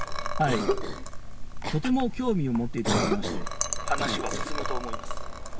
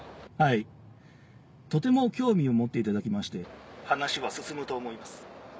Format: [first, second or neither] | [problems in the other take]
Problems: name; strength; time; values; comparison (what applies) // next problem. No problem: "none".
second | background sound (Cough + Liquid); 2 dB above the speech